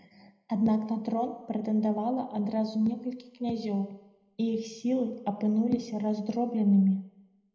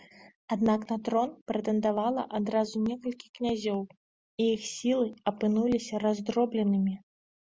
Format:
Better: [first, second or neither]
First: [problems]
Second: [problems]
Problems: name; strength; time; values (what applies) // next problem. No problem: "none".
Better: second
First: room echo; dies away in 0.8 s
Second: none